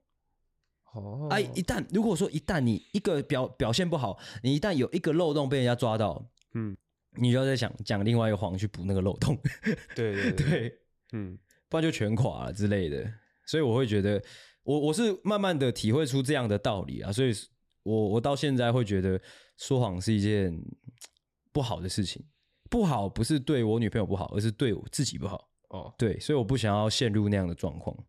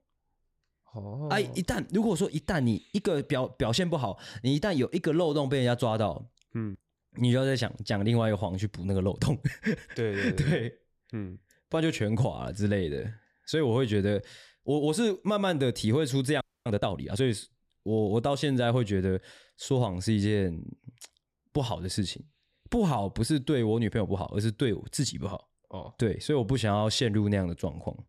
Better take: first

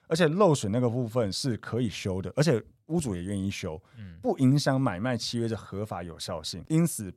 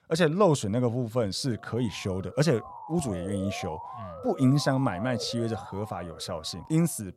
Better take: first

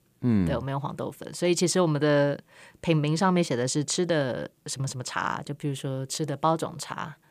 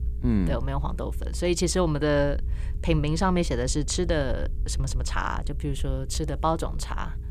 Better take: first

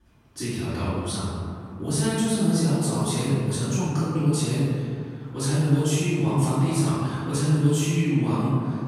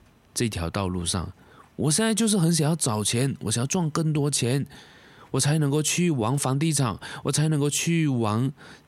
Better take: second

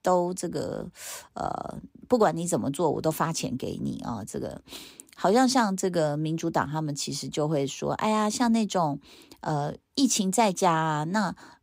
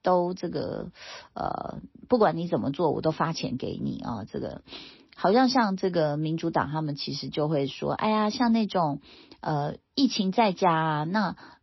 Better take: first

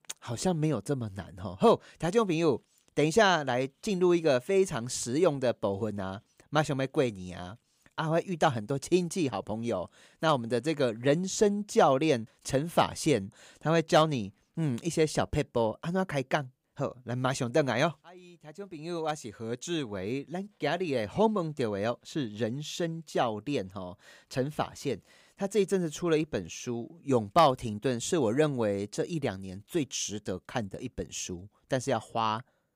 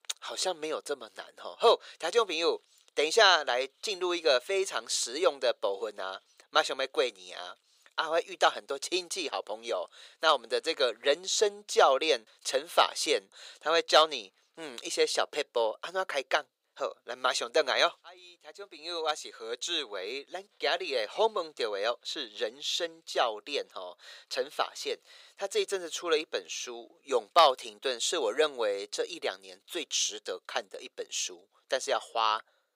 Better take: first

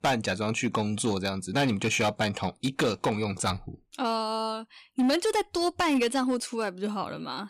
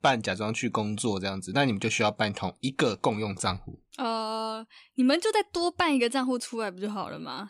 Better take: second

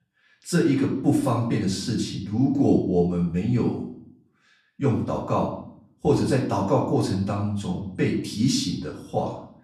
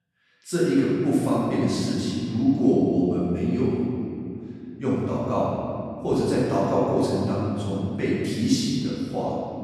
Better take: first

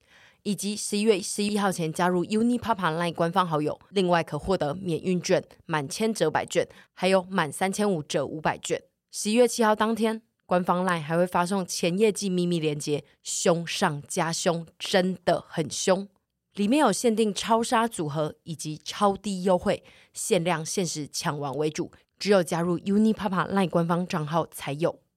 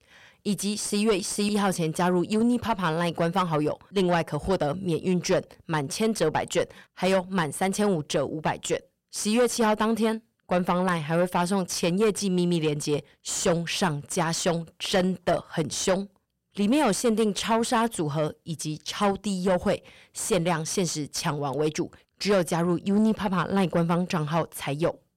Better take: first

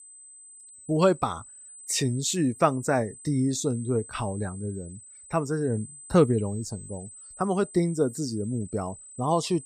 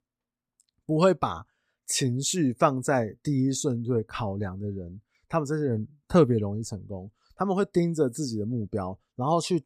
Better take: second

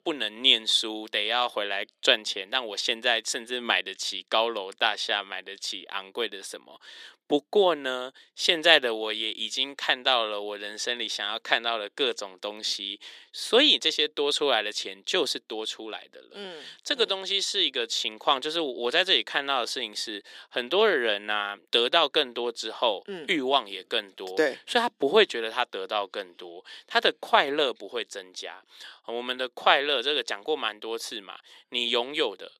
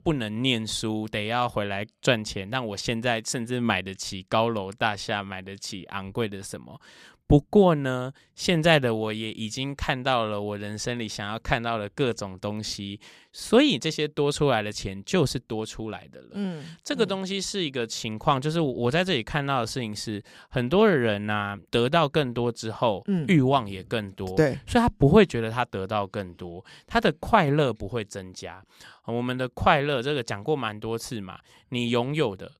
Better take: second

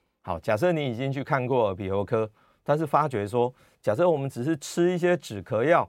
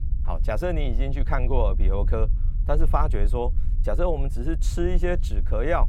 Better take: first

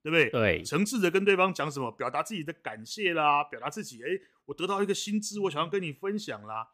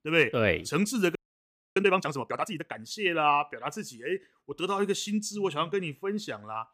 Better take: first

